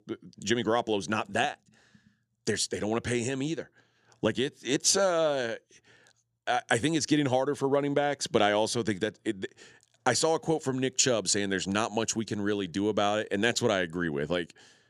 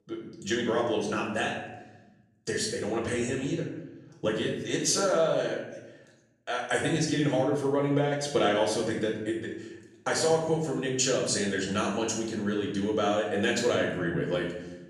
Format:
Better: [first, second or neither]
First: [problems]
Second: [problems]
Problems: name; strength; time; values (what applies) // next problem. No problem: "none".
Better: first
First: none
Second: off-mic speech; far // room echo; noticeable; dies away in 0.9 s